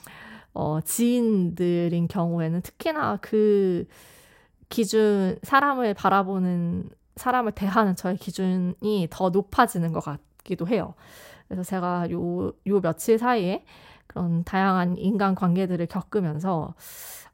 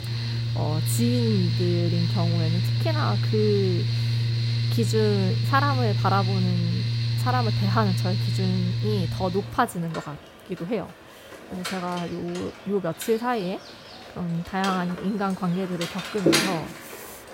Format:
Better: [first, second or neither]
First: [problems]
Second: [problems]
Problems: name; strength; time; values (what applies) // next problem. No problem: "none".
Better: first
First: none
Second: machinery noise; very loud; throughout; 2 dB above the speech